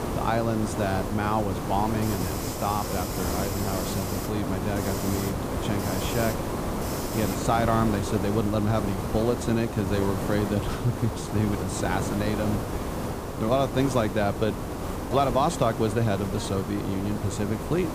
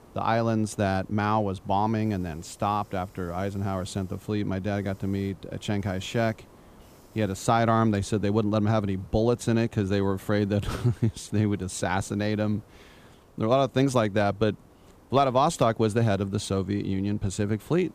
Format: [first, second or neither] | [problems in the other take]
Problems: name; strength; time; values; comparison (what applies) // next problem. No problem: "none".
second | hiss; loud; throughout; 3 dB below the speech; faint in the second